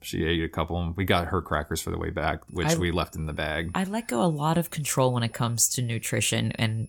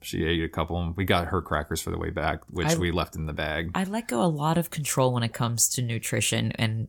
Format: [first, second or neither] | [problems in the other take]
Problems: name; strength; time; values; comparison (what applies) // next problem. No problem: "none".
second | high-pitched whine; faint; from 2.5 s on; 10.5 kHz, 30 dB below the speech